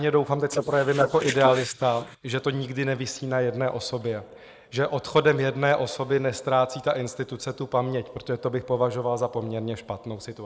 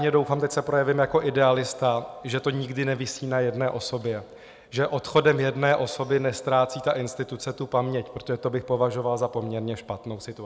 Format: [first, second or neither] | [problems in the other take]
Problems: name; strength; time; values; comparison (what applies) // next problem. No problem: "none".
second | noise reduction (neural mask model Resemble Enhance denoiser)